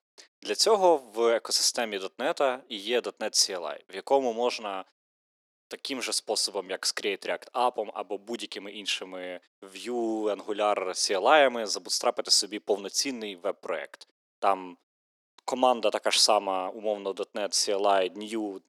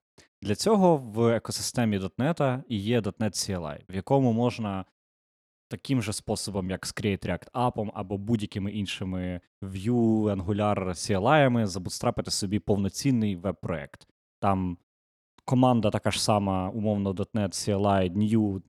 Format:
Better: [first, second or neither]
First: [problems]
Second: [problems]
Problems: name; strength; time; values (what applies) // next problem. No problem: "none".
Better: second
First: thin; very; fading below 350 Hz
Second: none